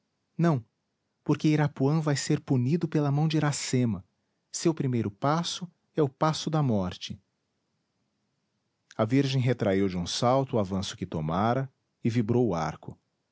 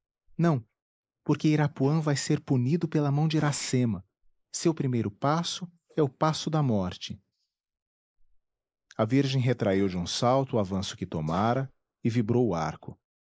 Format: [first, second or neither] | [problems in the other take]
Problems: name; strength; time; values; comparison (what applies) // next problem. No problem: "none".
first | noise reduction (neural mask model Resemble Enhance denoiser)